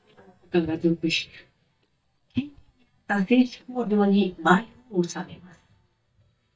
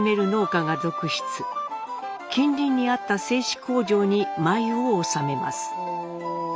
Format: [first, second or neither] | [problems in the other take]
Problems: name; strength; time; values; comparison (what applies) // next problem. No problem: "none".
second | noise reduction (neural mask model DeepFilterNet 3)